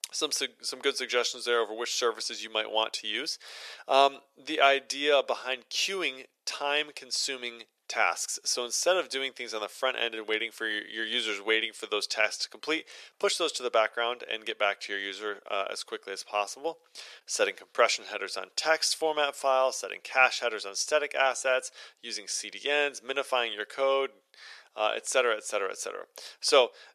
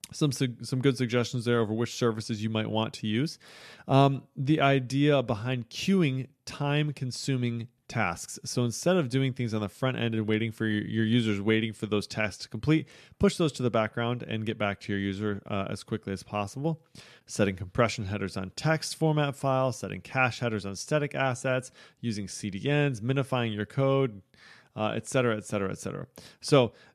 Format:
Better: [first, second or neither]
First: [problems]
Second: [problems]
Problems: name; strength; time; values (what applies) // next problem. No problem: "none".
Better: second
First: thin; very; fading below 450 Hz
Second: none